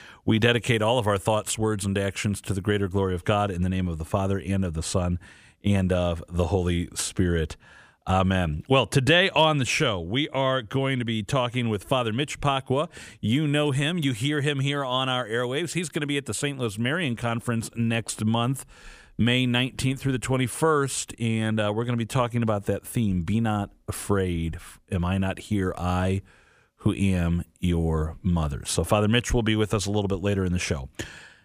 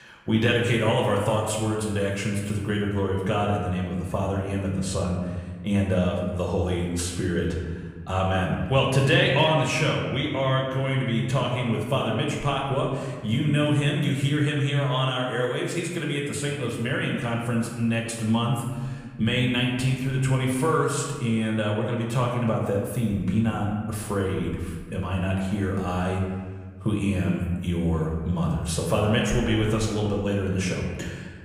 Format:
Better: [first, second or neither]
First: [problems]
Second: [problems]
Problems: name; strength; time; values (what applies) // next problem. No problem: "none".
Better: first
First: none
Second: room echo; noticeable; dies away in 1.3 s // off-mic speech; somewhat distant